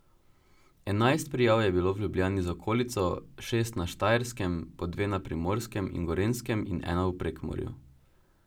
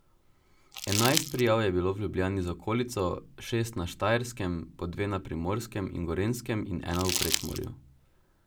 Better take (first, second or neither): first